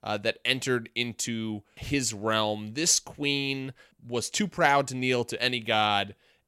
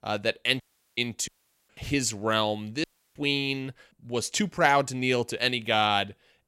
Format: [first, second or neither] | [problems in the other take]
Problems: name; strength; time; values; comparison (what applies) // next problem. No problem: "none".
first | audio cutting out; at 0.5 s, at 1.5 s and at 3 s